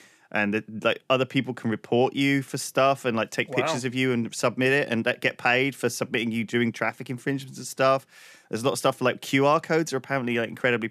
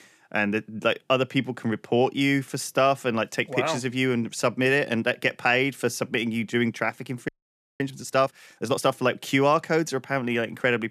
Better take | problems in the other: first | audio freezing; at 7.5 s for 0.5 s

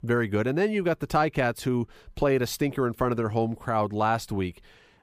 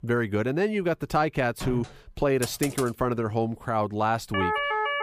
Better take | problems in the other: first | door banging; noticeable; at 1.5 s; peak 9 dB below the speech // keyboard typing; noticeable; at 2.5 s; peak 7 dB below the speech // siren; loud; at 4.5 s; peak 1 dB above the speech

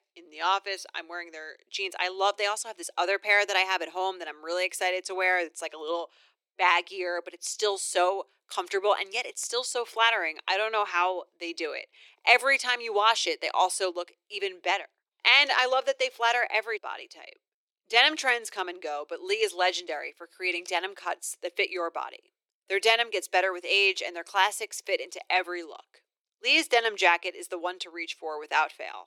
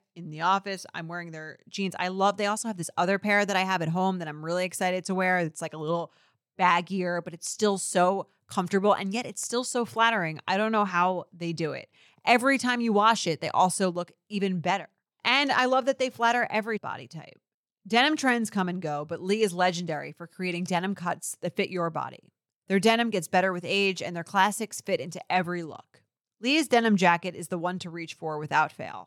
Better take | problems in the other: second | thin; very; fading below 350 Hz

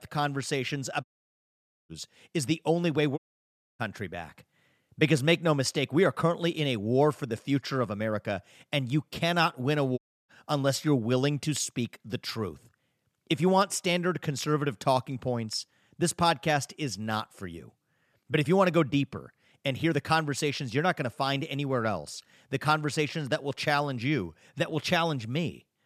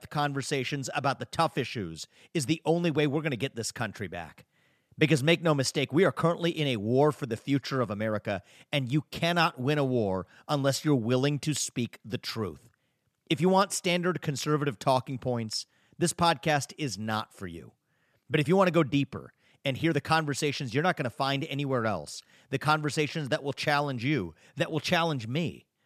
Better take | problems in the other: second | audio cutting out; at 1 s for 1 s, at 3 s for 0.5 s and at 10 s

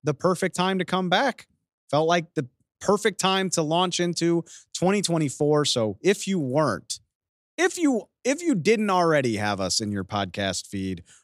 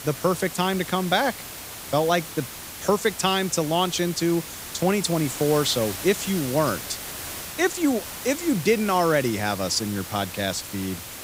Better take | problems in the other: first | hiss; loud; throughout; 10 dB below the speech

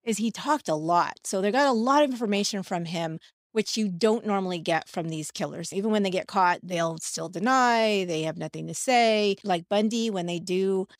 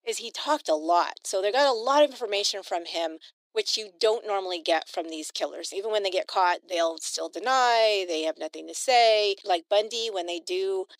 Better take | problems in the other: first | thin; very; fading below 300 Hz

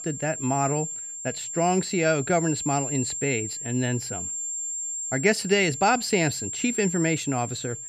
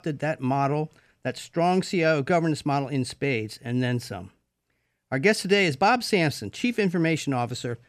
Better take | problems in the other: second | high-pitched whine; loud; throughout; 7.5 kHz, 5 dB below the speech

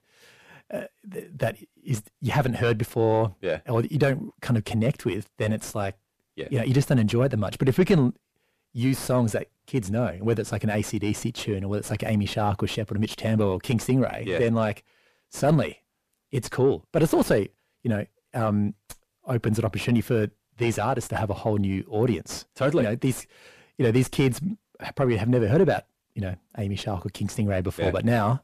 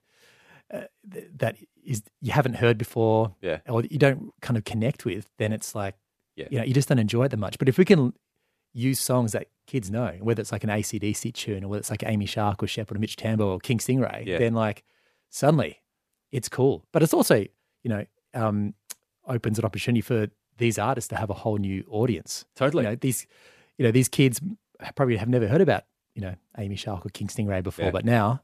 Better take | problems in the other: second | distortion; slight; 9 dB below the speech

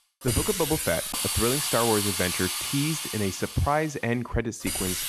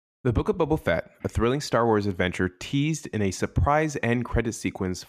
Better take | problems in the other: second | hiss; loud; throughout; as loud as the speech

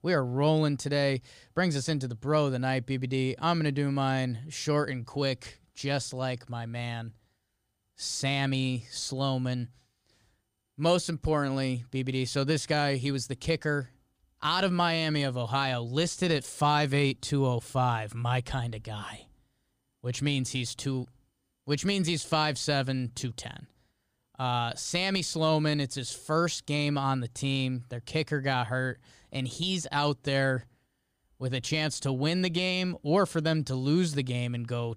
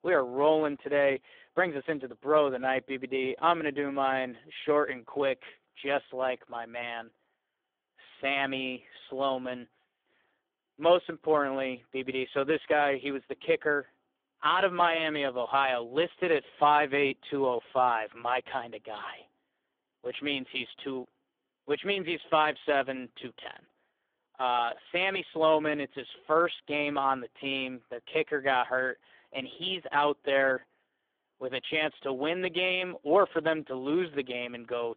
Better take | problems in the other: first | phone-call audio; poor line; nothing above 3.5 kHz

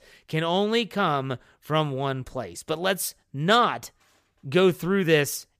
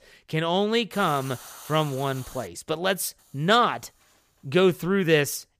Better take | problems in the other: first | hiss; noticeable; from 1 to 2.5 s and from 3 to 5 s; 20 dB below the speech

